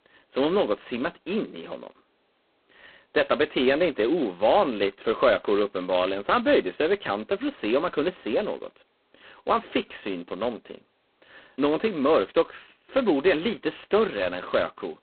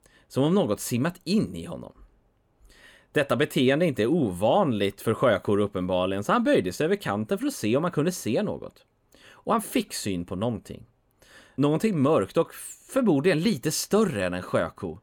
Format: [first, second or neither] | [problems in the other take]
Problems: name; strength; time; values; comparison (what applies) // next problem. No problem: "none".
second | phone-call audio; poor line; nothing above 4 kHz